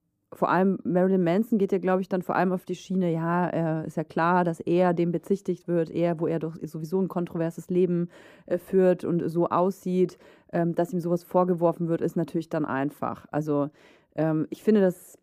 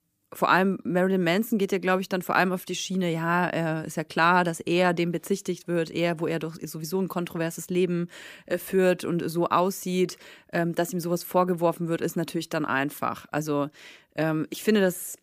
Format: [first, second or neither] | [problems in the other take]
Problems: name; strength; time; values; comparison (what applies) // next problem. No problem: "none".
second | muffled; slightly; fading above 1.5 kHz